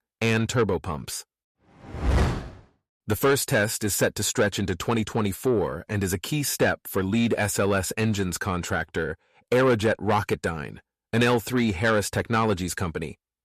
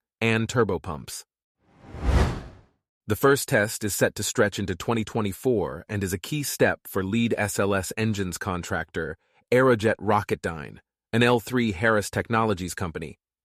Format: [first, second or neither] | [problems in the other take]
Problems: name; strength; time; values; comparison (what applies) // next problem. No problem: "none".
second | distortion; slight; 10 dB below the speech